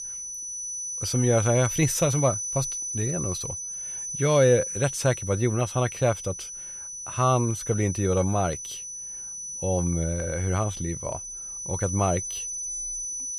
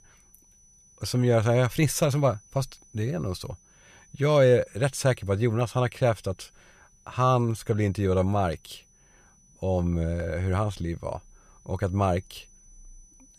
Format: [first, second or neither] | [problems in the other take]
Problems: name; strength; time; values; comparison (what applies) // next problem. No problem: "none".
second | high-pitched whine; loud; throughout; 6 kHz, 5 dB below the speech; faint in the second